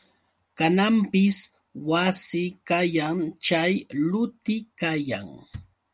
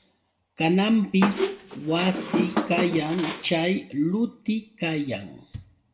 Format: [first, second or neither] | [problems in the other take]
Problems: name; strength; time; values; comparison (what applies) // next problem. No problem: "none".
first | background sound (Squeak); 3 dB below the speech // room echo; dies away in 0.5 s